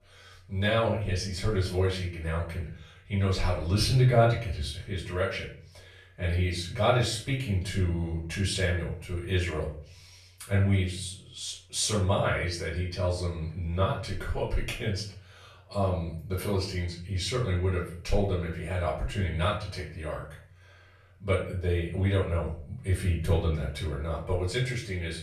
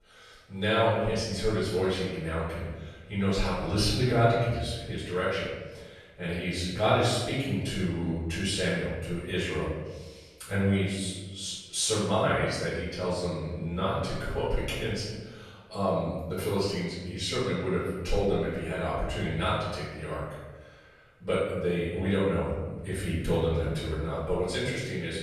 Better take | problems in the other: first | room echo; strong; dies away in 1.1 s; slight in the first // off-mic speech; far; far in the first

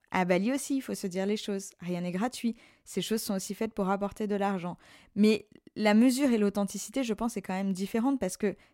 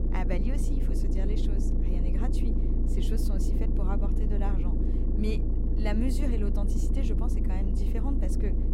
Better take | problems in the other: first | low rumble; loud; throughout; 1 dB below the speech

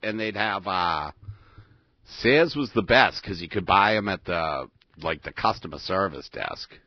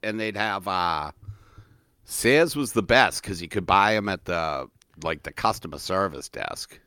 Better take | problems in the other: second | garbled, watery; badly; nothing above 5.5 kHz

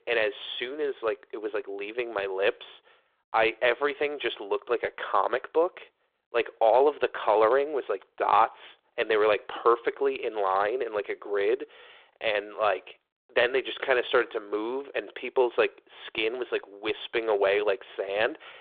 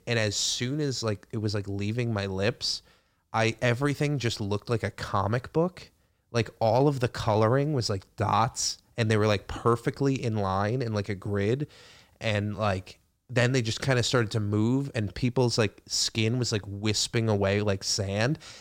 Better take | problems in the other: second | phone-call audio; nothing above 3.5 kHz

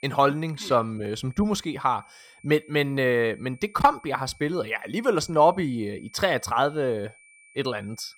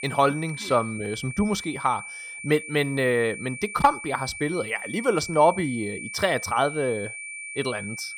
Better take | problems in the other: first | high-pitched whine; loud; throughout; 2.5 kHz, 10 dB below the speech; faint in the first

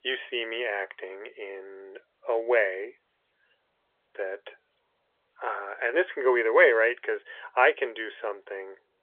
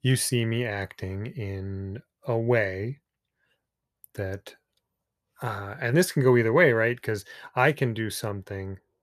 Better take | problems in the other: second | phone-call audio; nothing above 3.5 kHz

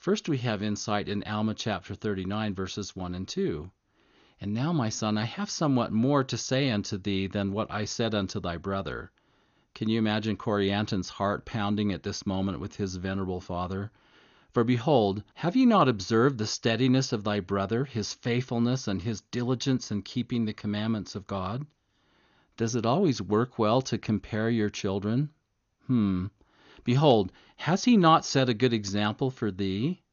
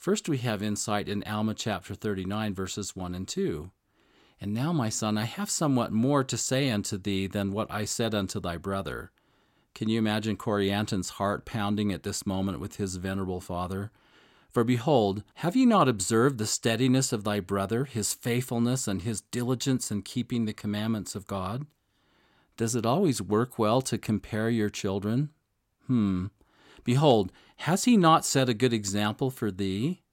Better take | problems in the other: second | garbled, watery; slightly; nothing above 6.5 kHz

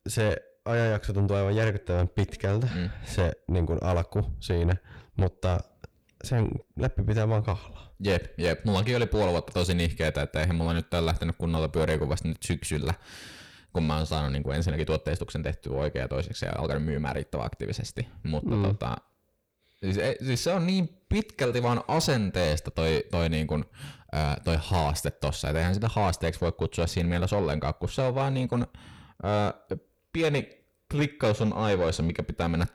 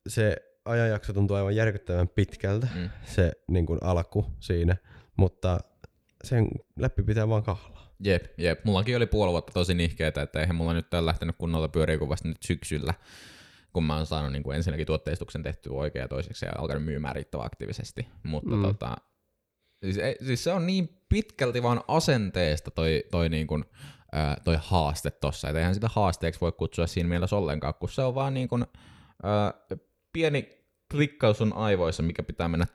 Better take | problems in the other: second | distortion; slight; 10 dB below the speech

